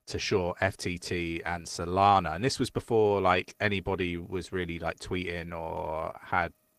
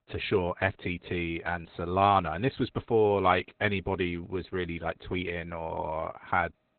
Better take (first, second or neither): first